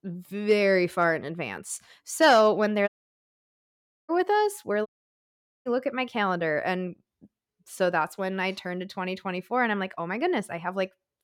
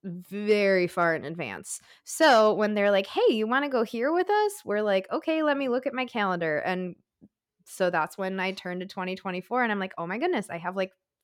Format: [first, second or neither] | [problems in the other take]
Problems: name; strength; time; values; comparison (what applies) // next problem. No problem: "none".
second | audio cutting out; at 3 s for 1 s and at 5 s for 1 s